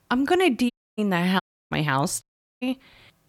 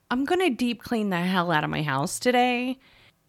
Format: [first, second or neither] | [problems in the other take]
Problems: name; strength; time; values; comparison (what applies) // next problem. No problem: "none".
second | audio cutting out; at 0.5 s, at 1.5 s and at 2 s